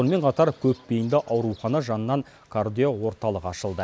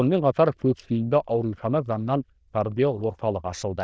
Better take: first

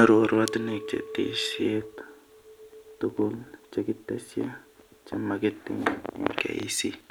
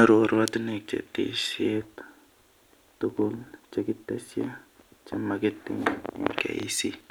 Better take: second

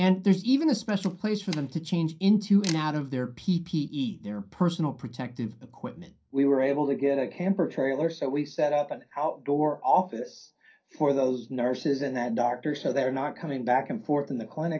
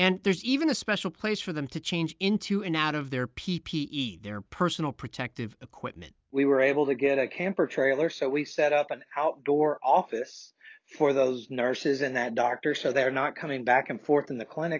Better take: second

